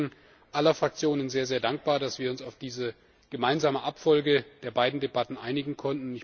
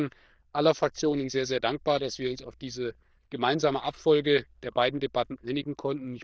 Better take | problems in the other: first | noise reduction (neural diffusion model UNIVERSE++)

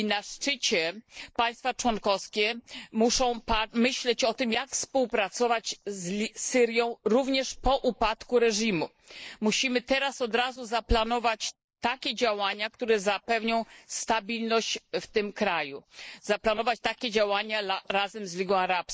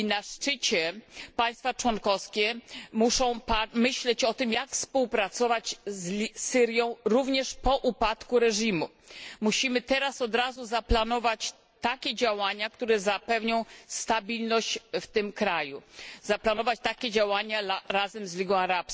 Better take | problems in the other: second | noise reduction (neural mask model Resemble Enhance denoiser)

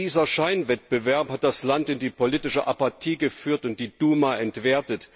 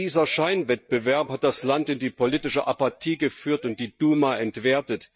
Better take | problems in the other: first | noise reduction (neural mask model DeepFilterNet 3)

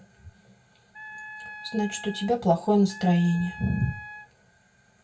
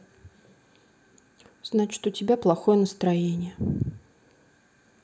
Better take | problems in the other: second | background sound (Wind instrument, woodwind instrument); 15 dB below the speech // room echo; dies away in 0.2 s

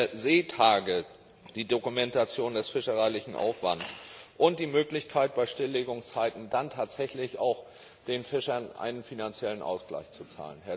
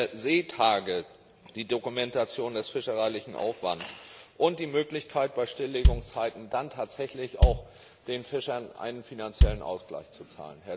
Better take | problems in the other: first | background sound (Bass drum); 3 dB above the speech

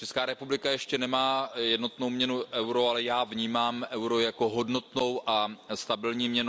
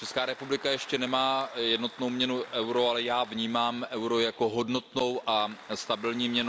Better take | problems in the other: first | background sound (Applause); 19 dB below the speech

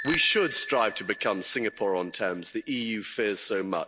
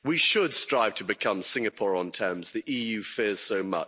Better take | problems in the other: second | background sound (Bicycle bell); 13 dB below the speech

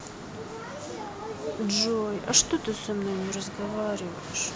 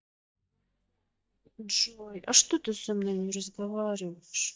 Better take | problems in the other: first | noise reduction (neural mask model DeepFilterNet 3)

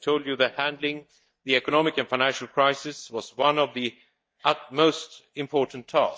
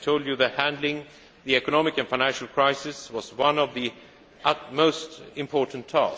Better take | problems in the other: second | noise reduction (neural mask model DeepFilterNet 3)

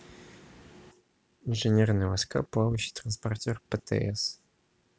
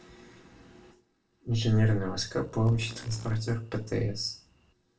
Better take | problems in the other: first | noise reduction (neural separator model SepFormer DNS4)

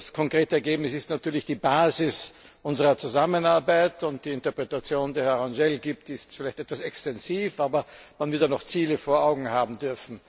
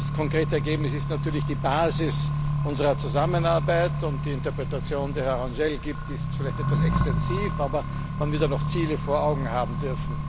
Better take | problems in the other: first | background sound (Accelerating, revving, vroom); 1 dB above the speech

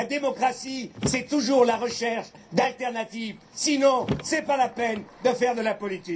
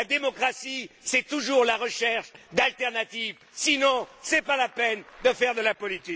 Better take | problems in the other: second | background sound (Car); 14 dB below the speech // room echo; dies away in 0.3 s

